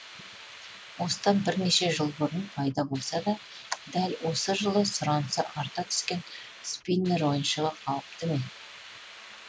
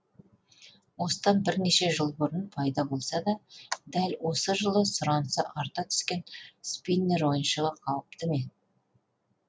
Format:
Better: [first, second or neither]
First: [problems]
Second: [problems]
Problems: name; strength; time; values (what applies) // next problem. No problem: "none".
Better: second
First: background sound (Hiss); 17 dB below the speech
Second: none